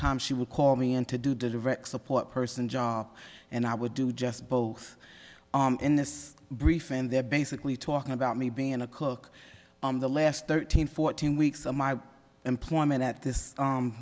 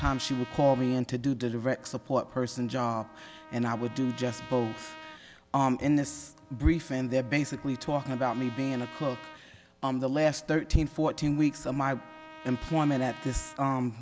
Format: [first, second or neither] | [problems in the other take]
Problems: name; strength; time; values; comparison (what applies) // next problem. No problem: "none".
first | background sound (Trumpet); 19 dB below the speech